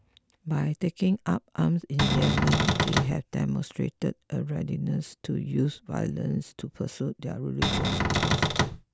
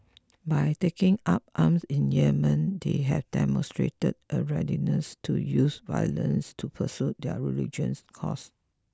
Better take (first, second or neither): second